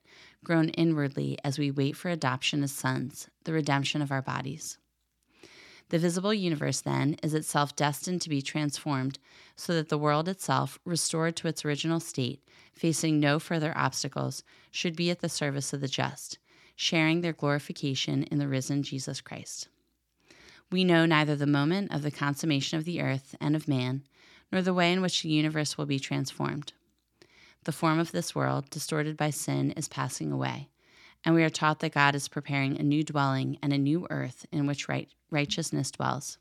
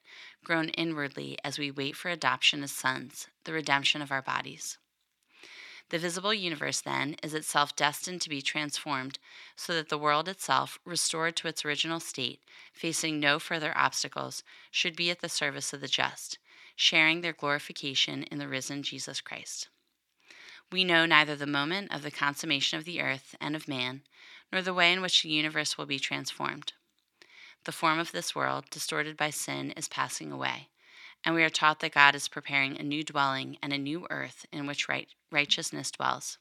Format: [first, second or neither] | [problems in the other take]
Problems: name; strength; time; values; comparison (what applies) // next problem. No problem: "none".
first | thin; somewhat; fading below 550 Hz